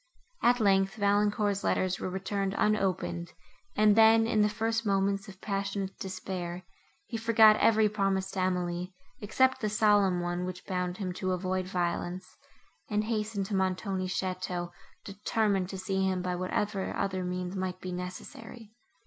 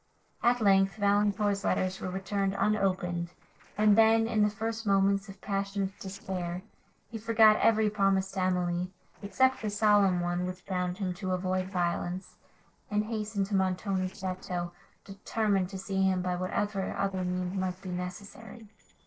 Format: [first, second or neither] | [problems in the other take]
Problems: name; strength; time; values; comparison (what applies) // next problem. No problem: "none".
first | noise reduction (neural separator model SepFormer DNS4)